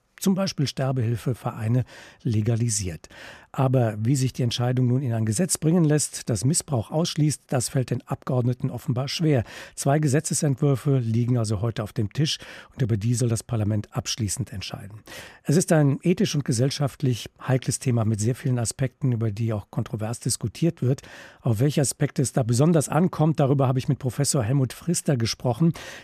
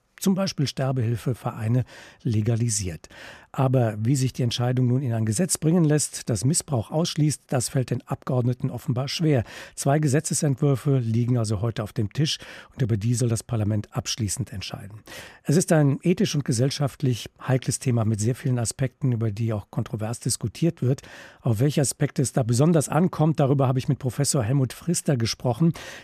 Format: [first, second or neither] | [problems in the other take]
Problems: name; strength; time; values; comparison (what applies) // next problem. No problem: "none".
neither | none